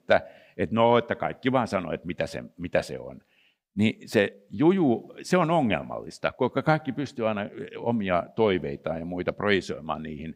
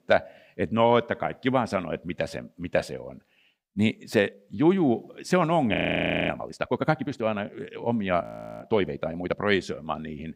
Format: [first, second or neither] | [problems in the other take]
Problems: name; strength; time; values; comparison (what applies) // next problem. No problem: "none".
first | audio freezing; at 5.5 s for 0.5 s and at 8 s